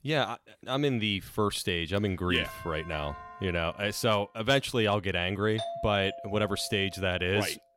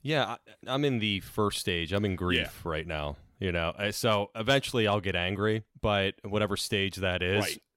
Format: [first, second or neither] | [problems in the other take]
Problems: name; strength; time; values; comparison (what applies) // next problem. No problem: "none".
second | doorbell; faint; from 2.5 to 4 s; peak 15 dB below the speech // doorbell; noticeable; from 5.5 to 7 s; peak 7 dB below the speech